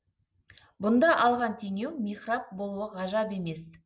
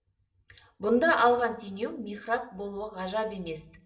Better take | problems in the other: first | room echo; dies away in 0.5 s

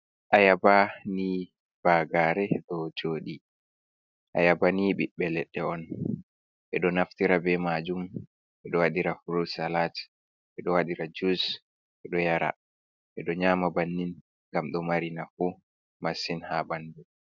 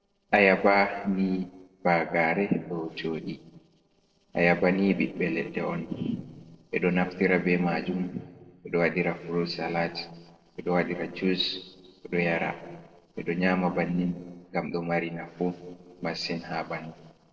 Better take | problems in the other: first | noise reduction (neural separator model SepFormer DNS4)

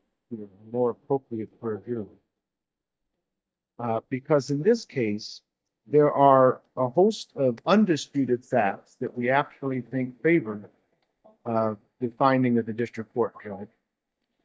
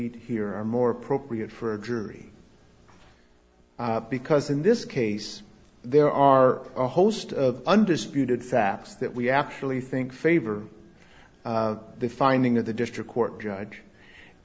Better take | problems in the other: second | noise reduction (neural mask model DeepFilterNet 3)

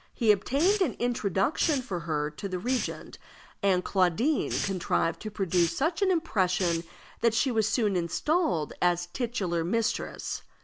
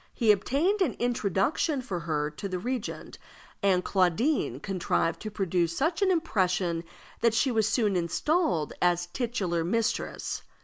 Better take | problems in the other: second | background sound (Hiss); 11 dB below the speech

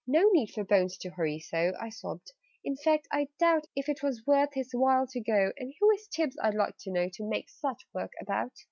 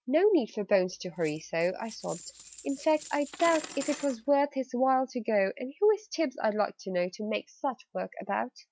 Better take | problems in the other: first | background sound (Coin (dropping)); 16 dB below the speech

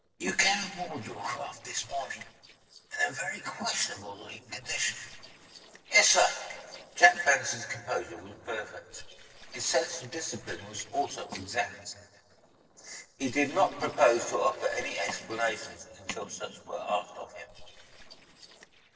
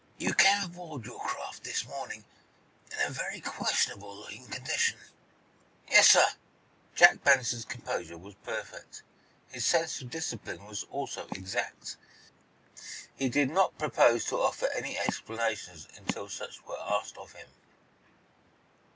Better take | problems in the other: second | noise reduction (neural separator model SepFormer DNS4)

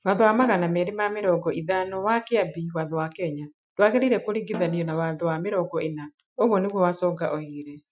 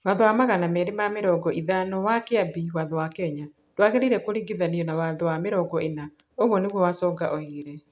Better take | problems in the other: second | noise reduction (classical method Wiener filter)

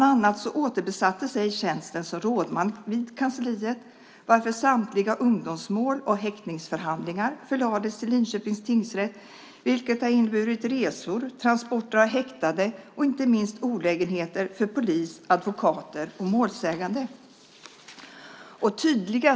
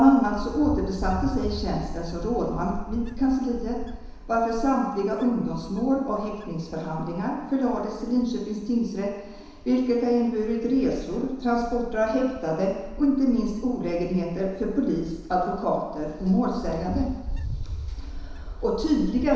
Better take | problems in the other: first | background sound (Wind); 10 dB below the speech // room echo; dies away in 1 s

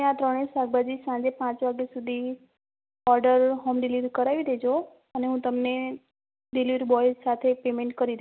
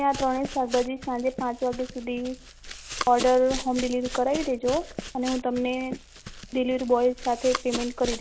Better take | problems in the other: first | background sound (Run); 11 dB below the speech

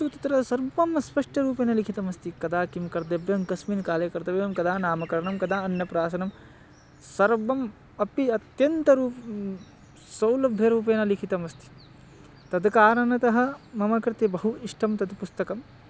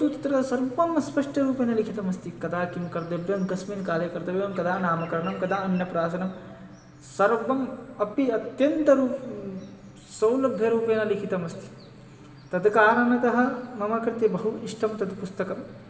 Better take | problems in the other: first | room echo; dies away in 2 s

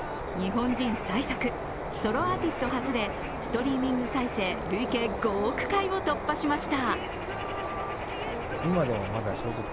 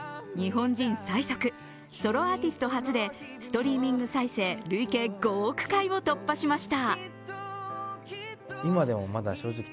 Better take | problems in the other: second | background sound (Bird); 4 dB below the speech

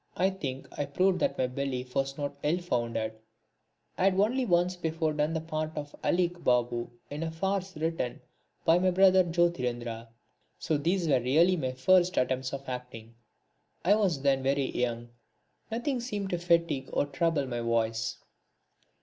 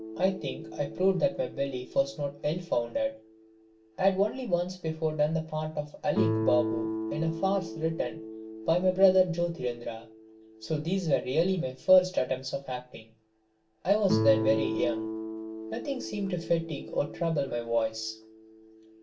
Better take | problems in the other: first | background sound (Guitar); 8 dB below the speech // room echo; dies away in 0.2 s

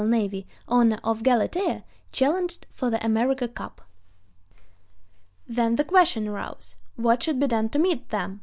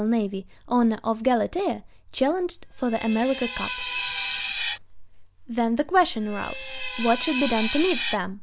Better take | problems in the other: first | background sound (Screech); 7 dB below the speech

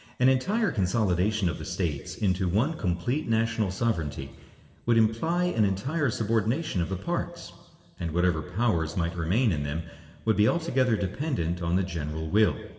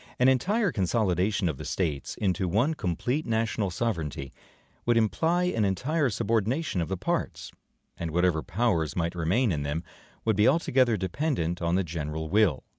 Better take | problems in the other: second | room echo; dies away in 1.7 s

